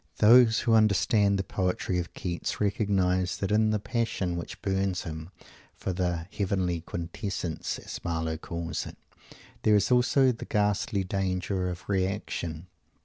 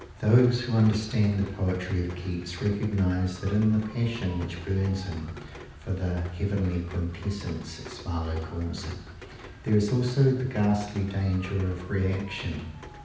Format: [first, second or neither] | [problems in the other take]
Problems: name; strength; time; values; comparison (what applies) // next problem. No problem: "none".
first | background sound (Rain); 17 dB below the speech // room echo; dies away in 0.9 s